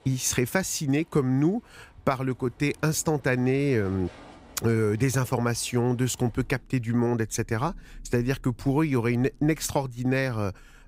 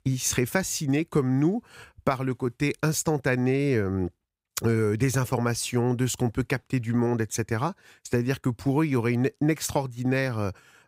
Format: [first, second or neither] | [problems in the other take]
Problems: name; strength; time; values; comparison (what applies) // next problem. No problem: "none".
second | rain or running water; faint; throughout; 25 dB below the speech